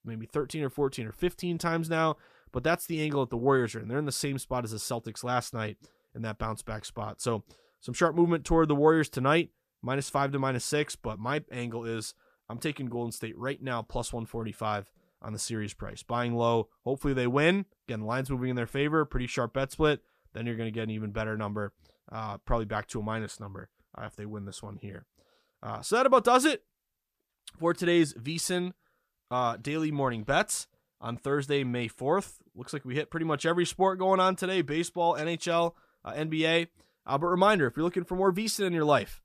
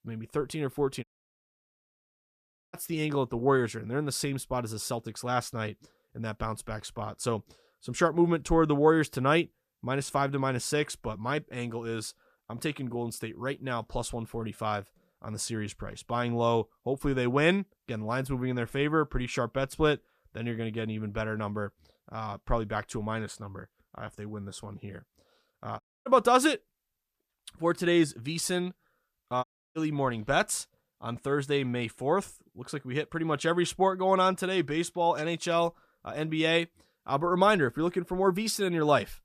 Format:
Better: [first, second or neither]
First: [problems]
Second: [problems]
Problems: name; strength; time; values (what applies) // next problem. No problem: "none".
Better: first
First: none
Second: audio cutting out; at 1 s for 1.5 s, at 26 s and at 29 s